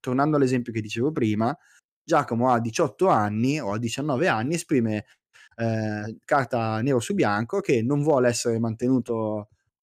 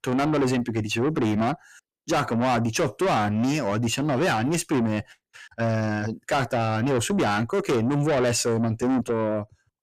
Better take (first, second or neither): first